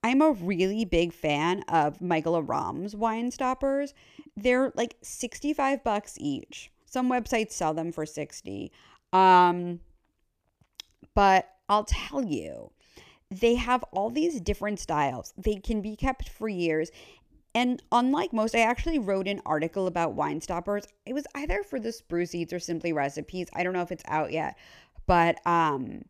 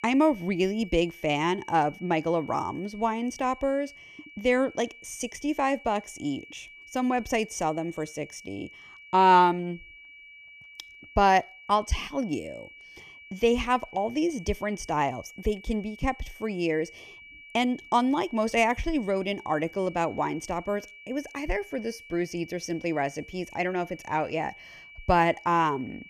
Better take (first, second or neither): first